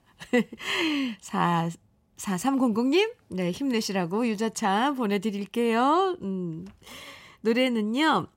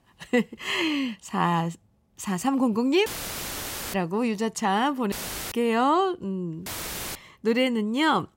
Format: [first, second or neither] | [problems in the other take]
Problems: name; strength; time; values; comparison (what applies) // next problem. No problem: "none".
first | audio cutting out; filled with static; at 3 s for 1 s, at 5 s and at 6.5 s